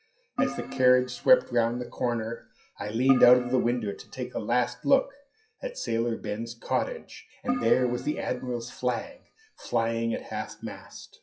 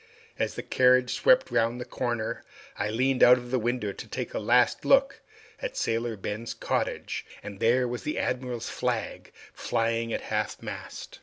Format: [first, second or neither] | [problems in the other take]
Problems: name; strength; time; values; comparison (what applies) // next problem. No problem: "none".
second | noise reduction (classical method WPE with log-MMSE)